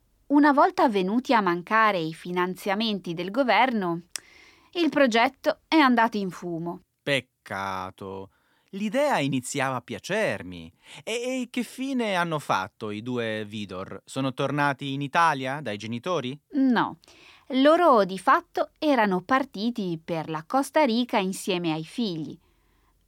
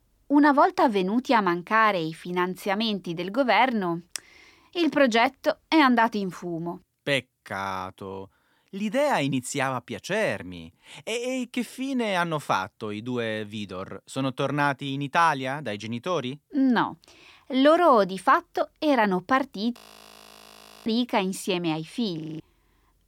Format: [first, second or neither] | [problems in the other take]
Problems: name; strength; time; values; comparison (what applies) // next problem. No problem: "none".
first | audio freezing; at 20 s for 1 s and at 22 s